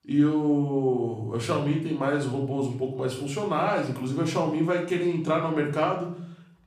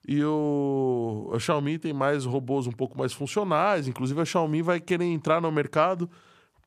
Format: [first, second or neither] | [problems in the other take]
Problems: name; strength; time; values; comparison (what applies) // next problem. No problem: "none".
second | room echo; slight; dies away in 0.6 s // off-mic speech; far